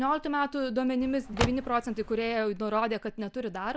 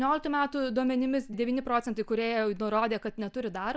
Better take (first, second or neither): second